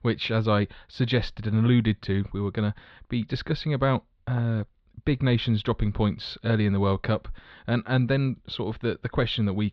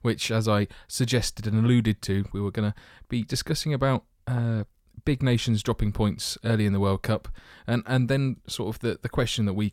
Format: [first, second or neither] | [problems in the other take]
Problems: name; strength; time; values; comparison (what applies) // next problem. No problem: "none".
second | muffled; slightly; fading above 4 kHz